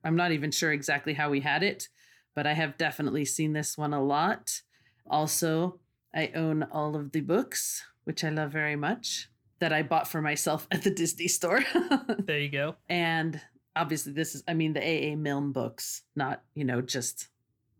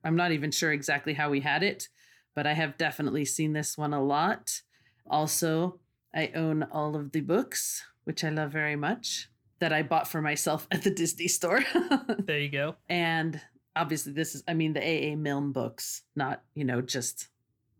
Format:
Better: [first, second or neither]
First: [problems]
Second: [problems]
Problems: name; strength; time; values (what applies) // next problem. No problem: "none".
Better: neither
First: none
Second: none